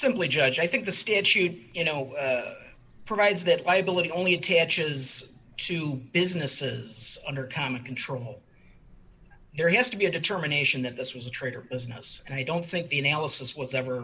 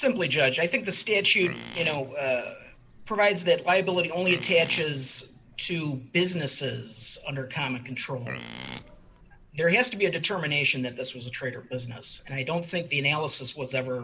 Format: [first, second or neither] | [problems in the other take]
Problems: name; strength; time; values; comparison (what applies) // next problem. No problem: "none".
first | background sound (Livestock, farm animals, working animals); 12 dB below the speech